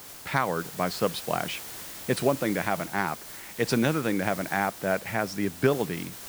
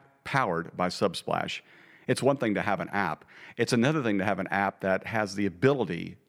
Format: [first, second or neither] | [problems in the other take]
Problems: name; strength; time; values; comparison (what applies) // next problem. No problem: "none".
second | hiss; noticeable; throughout; 10 dB below the speech